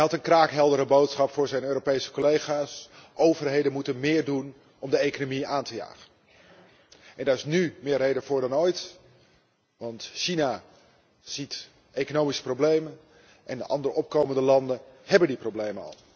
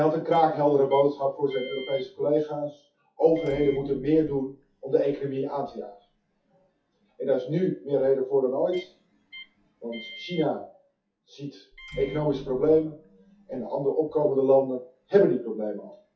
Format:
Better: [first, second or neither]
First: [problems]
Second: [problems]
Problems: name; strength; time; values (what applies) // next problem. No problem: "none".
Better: first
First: none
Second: noise reduction (classical method WPE with log-MMSE)